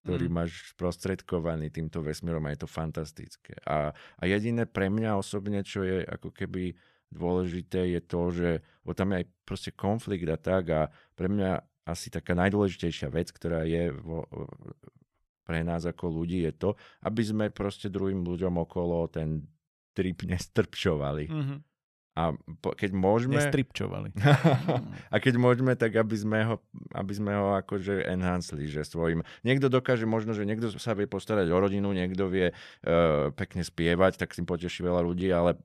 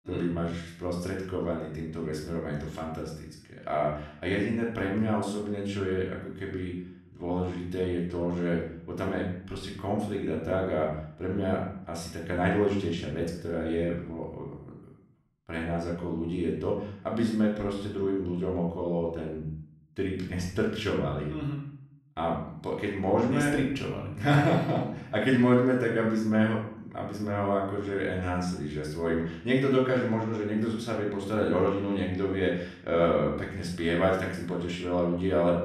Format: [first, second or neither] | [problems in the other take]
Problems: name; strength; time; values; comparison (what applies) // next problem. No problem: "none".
first | off-mic speech; far // room echo; noticeable; dies away in 0.5 s